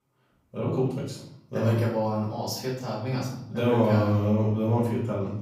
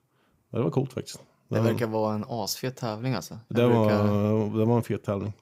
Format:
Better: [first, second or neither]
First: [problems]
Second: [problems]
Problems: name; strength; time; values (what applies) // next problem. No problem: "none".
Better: second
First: off-mic speech; far // room echo; noticeable; dies away in 0.6 s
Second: none